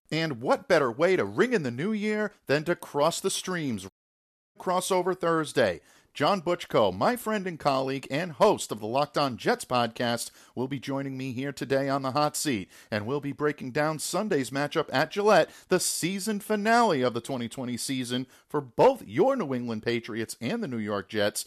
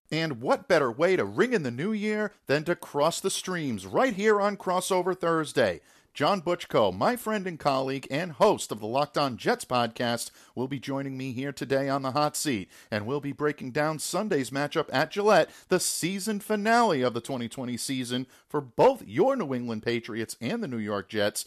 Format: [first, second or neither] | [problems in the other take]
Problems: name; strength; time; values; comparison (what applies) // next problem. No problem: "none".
second | audio cutting out; at 4 s for 0.5 s